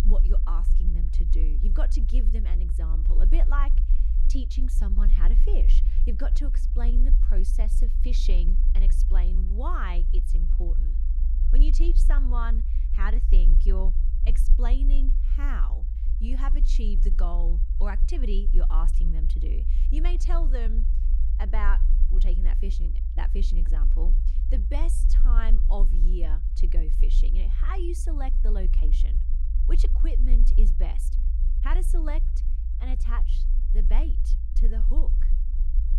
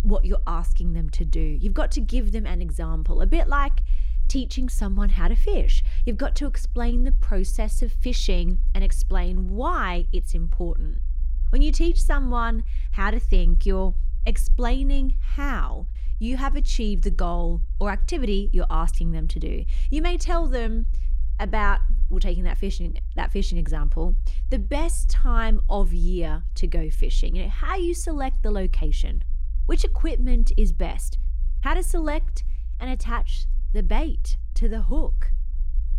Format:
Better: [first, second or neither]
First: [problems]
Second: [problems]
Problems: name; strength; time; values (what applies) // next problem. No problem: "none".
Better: second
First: low rumble; loud; throughout; 10 dB below the speech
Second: low rumble; faint; throughout; 20 dB below the speech